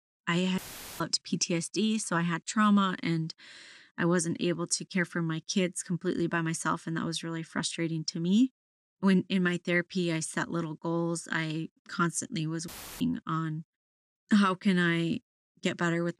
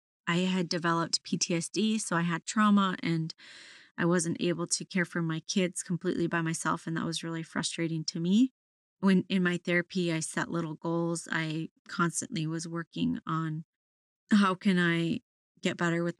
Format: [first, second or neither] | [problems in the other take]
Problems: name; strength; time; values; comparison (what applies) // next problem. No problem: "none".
second | audio cutting out; filled with static; at 0.5 s and at 13 s